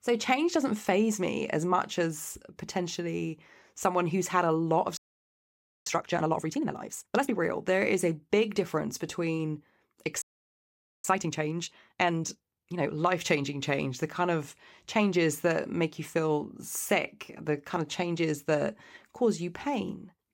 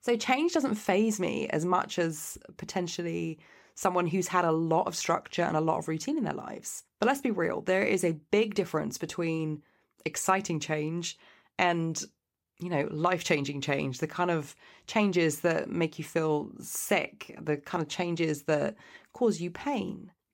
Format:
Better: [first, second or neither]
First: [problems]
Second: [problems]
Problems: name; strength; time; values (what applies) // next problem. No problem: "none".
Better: second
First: audio freezing; at 5 s for 1 s and at 10 s for 1 s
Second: none